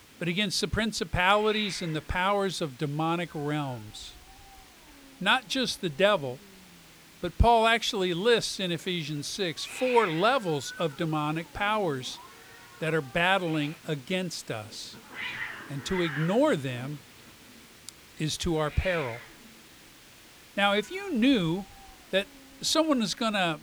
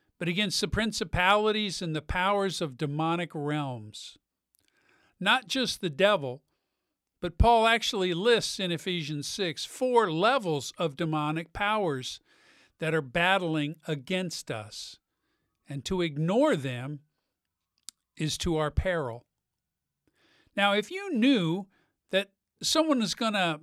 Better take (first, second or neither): second